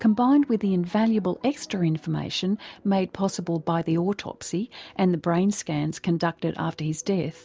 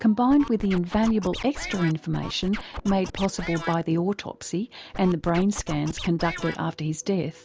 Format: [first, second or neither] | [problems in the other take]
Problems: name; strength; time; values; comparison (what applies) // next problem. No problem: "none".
first | background sound (Scratching (performance technique)); 11 dB below the speech